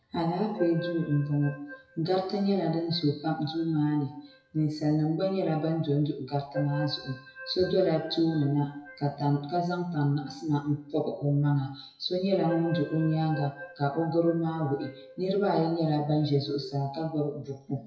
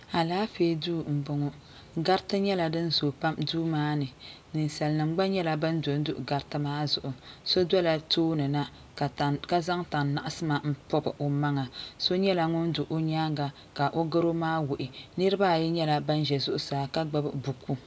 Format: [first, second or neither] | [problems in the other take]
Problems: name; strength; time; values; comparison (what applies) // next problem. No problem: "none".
second | noise reduction (classical method WPE with log-MMSE)